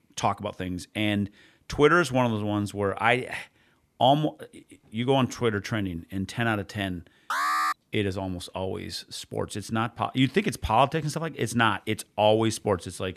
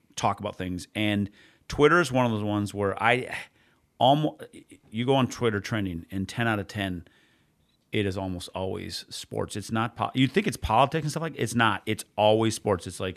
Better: second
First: alarm; loud; at 7.5 s; peak 2 dB above the speech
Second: none

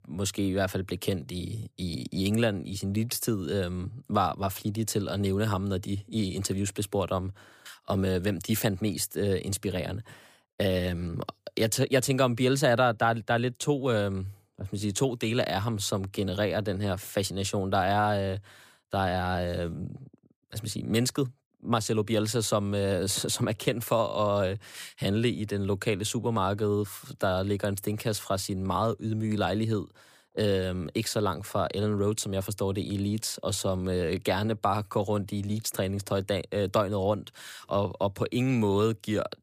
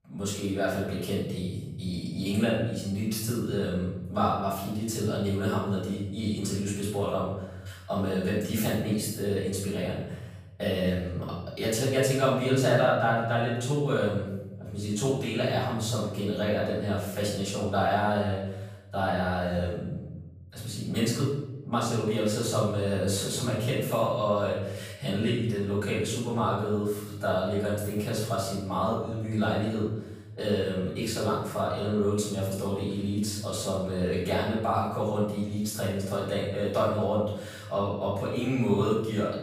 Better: first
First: none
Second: off-mic speech; far // room echo; noticeable; dies away in 0.9 s

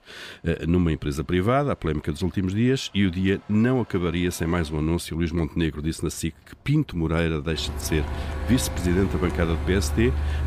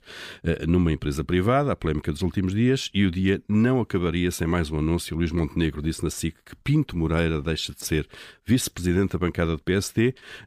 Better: second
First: traffic noise; loud; throughout; 6 dB below the speech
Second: none

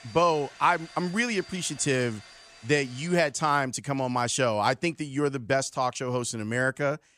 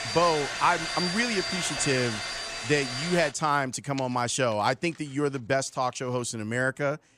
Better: first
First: household noises; faint; throughout; 20 dB below the speech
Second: household noises; loud; throughout; 4 dB below the speech

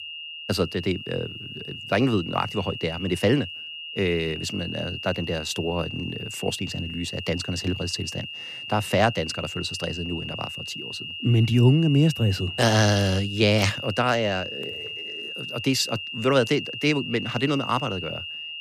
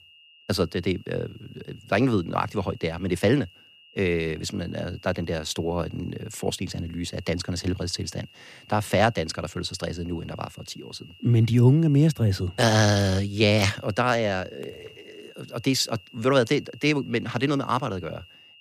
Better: second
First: high-pitched whine; loud; throughout; 3 kHz, 8 dB below the speech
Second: high-pitched whine; faint; throughout; 3 kHz, 25 dB below the speech

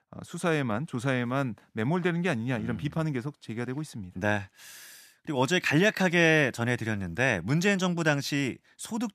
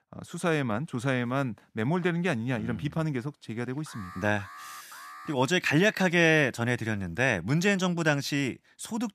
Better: first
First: none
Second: alarm; faint; from 4 to 5.5 s; peak 15 dB below the speech

